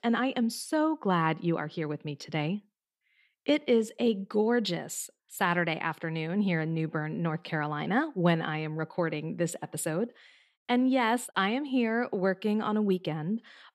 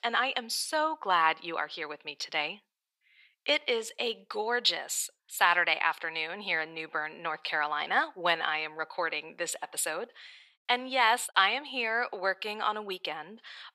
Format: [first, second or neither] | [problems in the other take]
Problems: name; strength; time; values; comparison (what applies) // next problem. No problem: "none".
first | thin; very; fading below 900 Hz